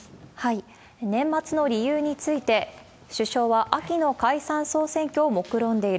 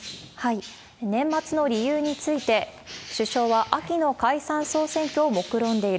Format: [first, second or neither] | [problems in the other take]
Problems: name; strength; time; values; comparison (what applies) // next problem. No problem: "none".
first | background sound (Bird); 18 dB below the speech